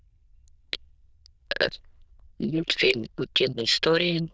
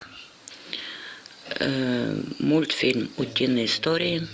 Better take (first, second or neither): second